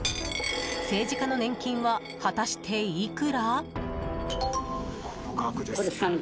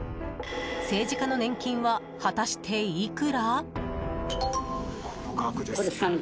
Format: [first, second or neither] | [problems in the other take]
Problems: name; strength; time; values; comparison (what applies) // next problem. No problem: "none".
second | background sound (Coin (dropping)); 12 dB below the speech